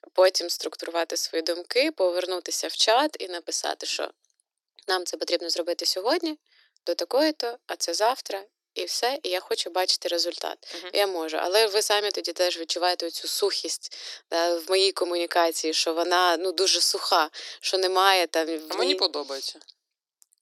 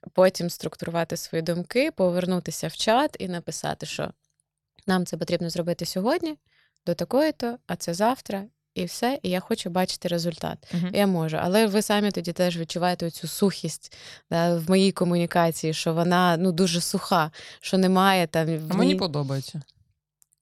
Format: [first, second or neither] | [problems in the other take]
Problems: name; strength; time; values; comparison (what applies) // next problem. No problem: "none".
second | thin; very; fading below 300 Hz